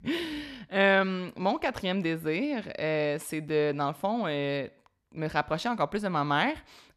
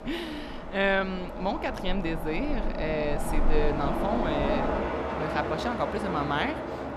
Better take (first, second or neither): first